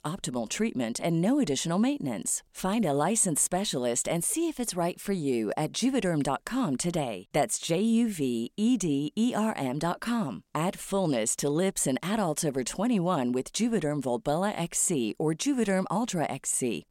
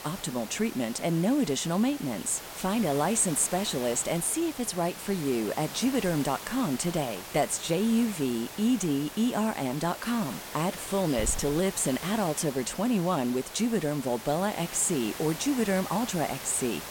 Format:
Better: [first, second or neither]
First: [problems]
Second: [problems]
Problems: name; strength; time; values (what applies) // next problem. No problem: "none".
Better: first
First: none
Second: hiss; noticeable; throughout; 10 dB below the speech